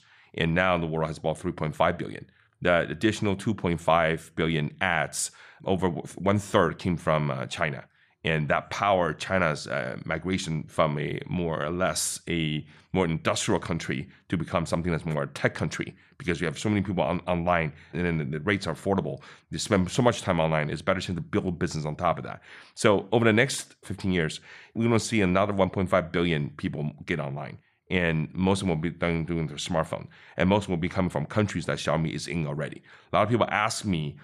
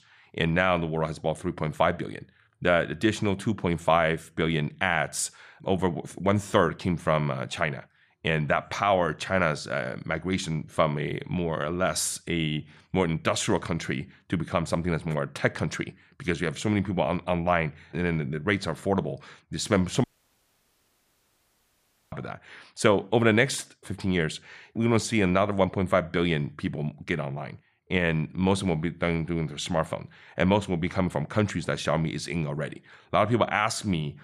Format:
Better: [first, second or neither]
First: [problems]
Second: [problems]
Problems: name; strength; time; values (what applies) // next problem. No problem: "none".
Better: first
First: none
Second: audio cutting out; at 20 s for 2 s